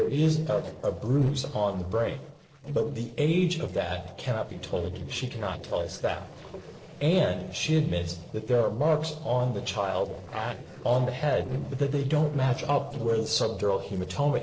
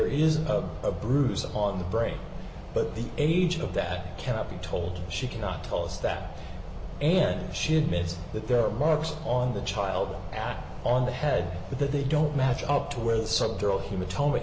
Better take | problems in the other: second | noise reduction (neural separator model SepFormer DNS4)

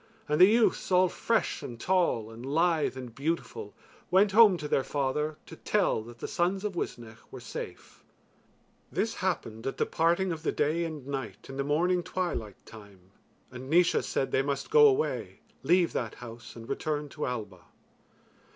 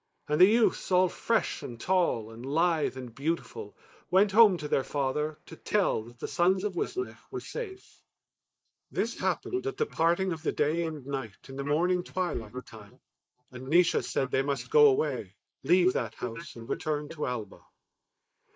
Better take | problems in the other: first | noise reduction (neural mask model Resemble Enhance denoiser)

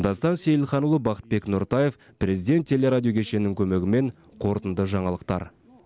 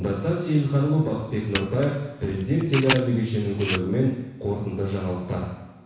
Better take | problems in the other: first | background sound (Camera); 9 dB below the speech // room echo; dies away in 1.1 s

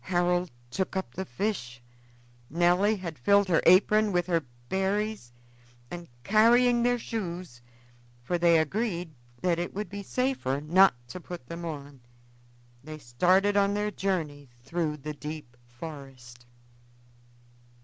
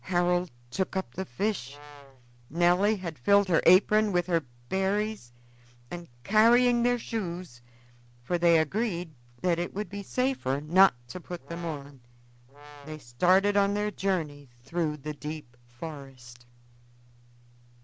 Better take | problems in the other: first | background sound (Brass instrument); 19 dB below the speech

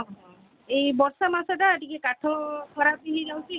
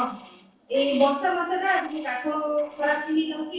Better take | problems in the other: first | noise reduction (neural separator model SepFormer DNS4)

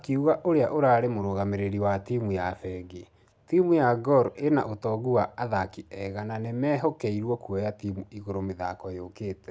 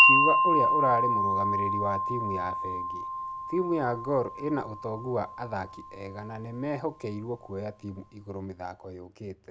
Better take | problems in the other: first | background sound (Wind chime); 4 dB above the speech

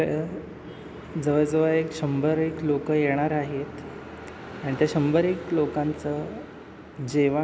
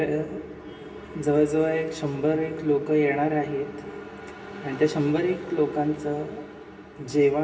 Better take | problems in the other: first | room echo; dies away in 0.9 s

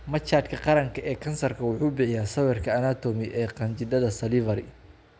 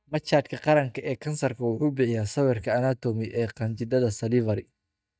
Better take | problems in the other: first | noise reduction (neural mask model DeepFilterNet 3)

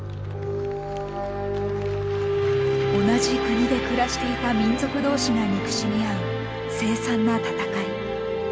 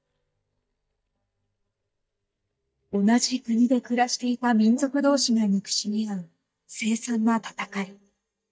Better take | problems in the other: first | noise reduction (neural mask model DeepFilterNet 3)

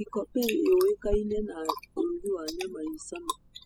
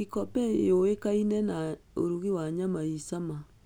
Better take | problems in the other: second | noise reduction (classical method spectral subtraction)

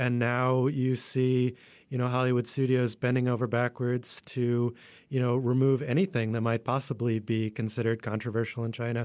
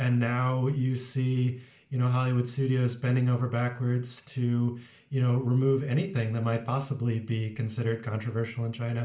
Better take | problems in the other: first | room echo; dies away in 0.4 s

